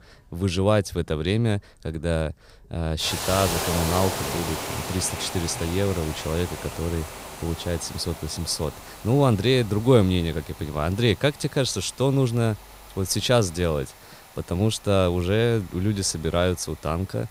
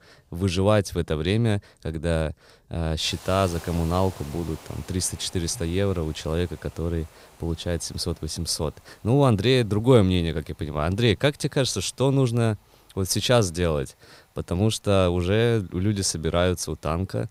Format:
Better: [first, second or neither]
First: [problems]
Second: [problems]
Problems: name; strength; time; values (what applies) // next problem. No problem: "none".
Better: second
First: hiss; loud; throughout; 8 dB below the speech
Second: hiss; faint; throughout; 25 dB below the speech